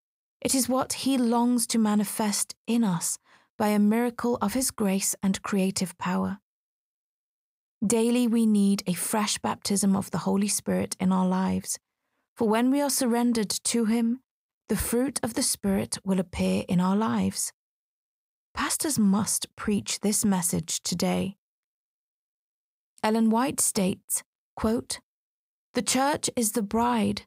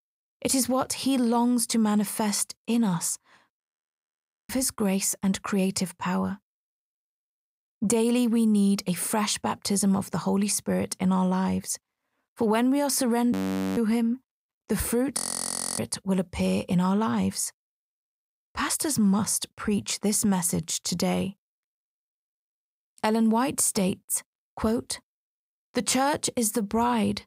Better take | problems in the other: first | audio freezing; at 3.5 s for 1 s, at 13 s and at 15 s for 0.5 s

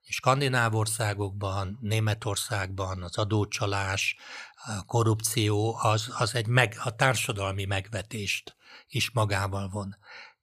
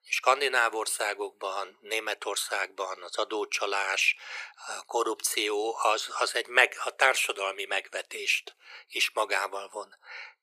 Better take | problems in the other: first | thin; very; fading below 400 Hz

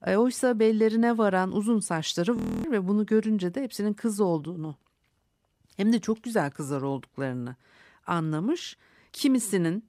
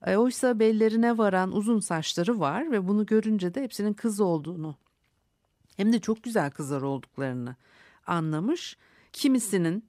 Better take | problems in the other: second | audio freezing; at 2.5 s

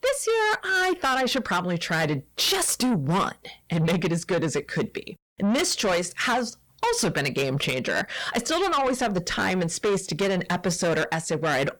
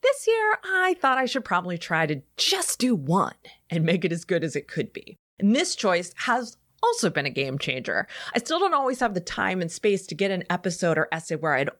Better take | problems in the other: second | distortion; heavy; 7 dB below the speech

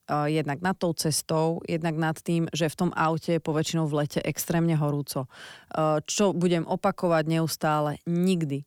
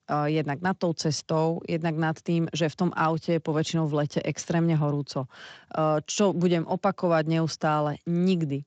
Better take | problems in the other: first | garbled, watery; slightly; nothing above 7.5 kHz

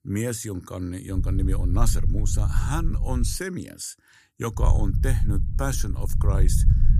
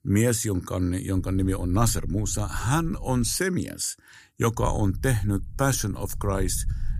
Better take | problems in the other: second | low rumble; loud; from 1 to 3.5 s and from 4.5 s on; 9 dB below the speech; faint in the second

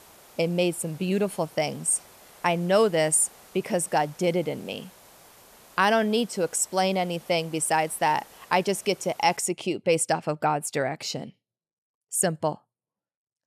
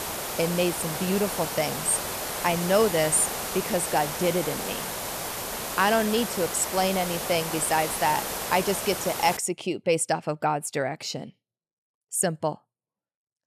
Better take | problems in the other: first | hiss; loud; until 9.5 s; 4 dB below the speech; faint in the first

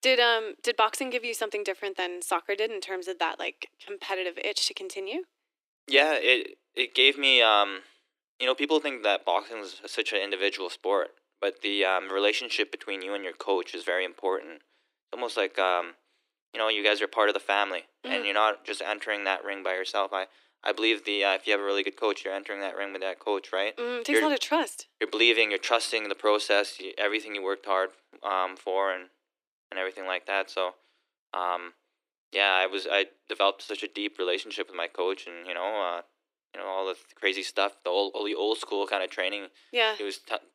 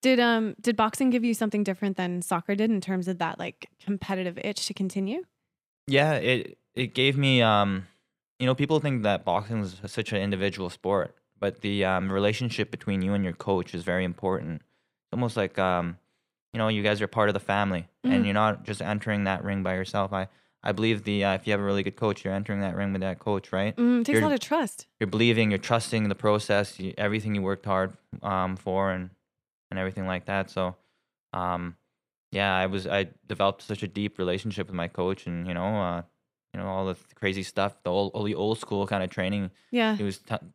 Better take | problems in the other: second | thin; very; fading below 300 Hz

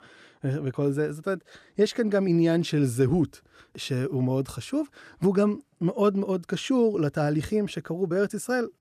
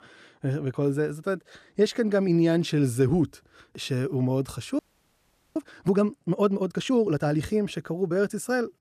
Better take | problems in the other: first | audio freezing; at 5 s for 1 s

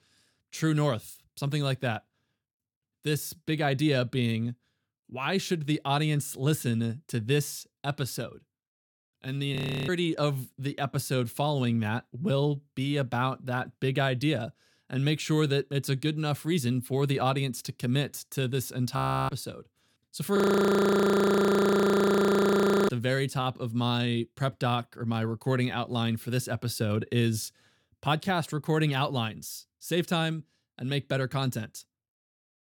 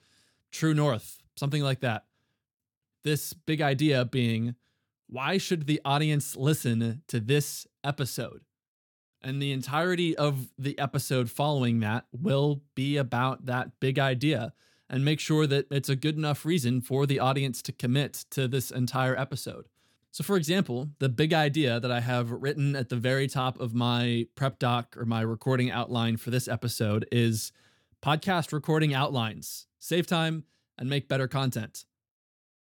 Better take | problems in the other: second | audio freezing; at 9.5 s, at 19 s and at 20 s for 2.5 s

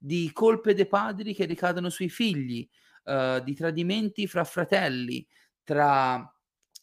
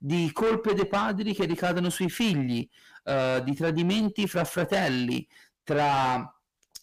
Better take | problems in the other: first | distortion; heavy; 6 dB below the speech

